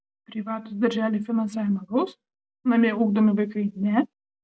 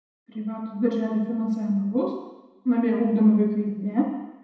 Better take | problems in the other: first | room echo; dies away in 1 s

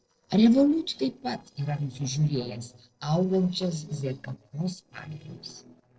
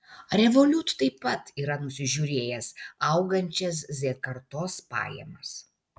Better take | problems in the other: second | noise reduction (neural separator model SepFormer DNS4)

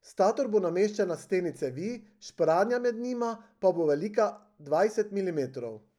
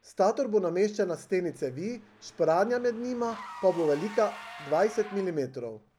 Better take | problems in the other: first | background sound (Engine / Car); 19 dB below the speech

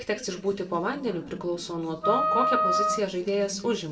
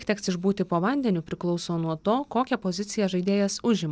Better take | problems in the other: second | background sound (Wind instrument, woodwind instrument); 2 dB above the speech // room echo; dies away in 2 s

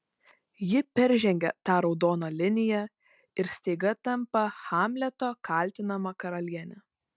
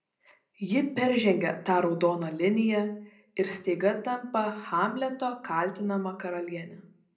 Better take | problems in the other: first | room echo; dies away in 0.5 s

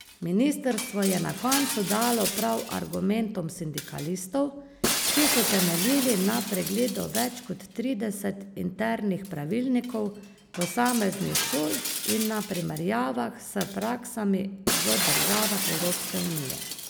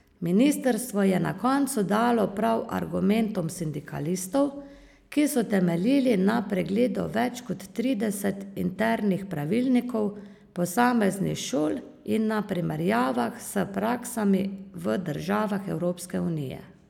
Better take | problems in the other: second | background sound (Shatter); 4 dB below the speech

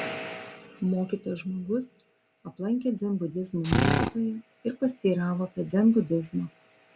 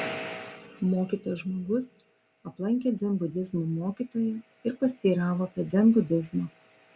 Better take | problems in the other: second | background sound (Drill); 3 dB above the speech

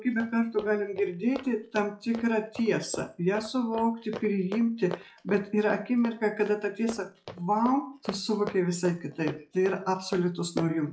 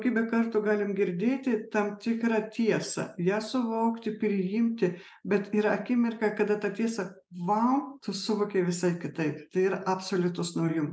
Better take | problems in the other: second | noise reduction (classical method log-MMSE)

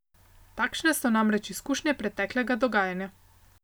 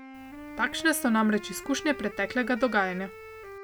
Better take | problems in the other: first | background sound (Wind instrument, woodwind instrument); 14 dB below the speech

